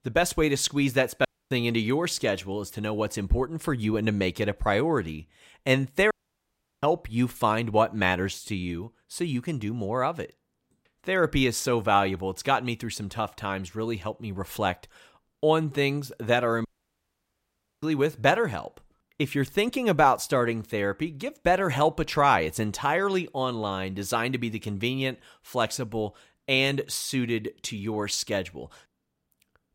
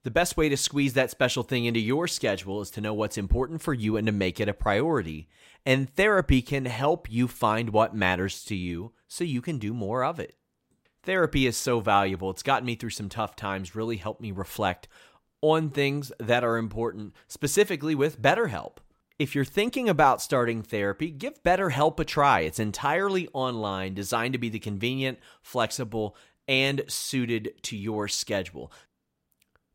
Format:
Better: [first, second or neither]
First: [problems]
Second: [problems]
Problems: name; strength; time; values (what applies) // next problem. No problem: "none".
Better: second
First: audio cutting out; at 1.5 s, at 6 s for 0.5 s and at 17 s for 1 s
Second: none